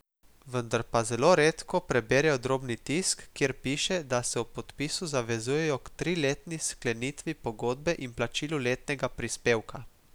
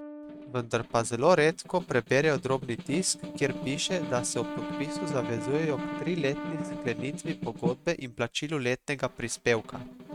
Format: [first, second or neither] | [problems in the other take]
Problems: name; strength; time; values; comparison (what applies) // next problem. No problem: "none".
first | noise reduction (neural mask model RNNoise)